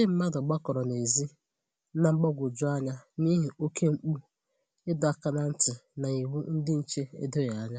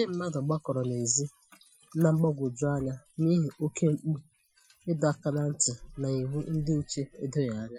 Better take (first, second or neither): first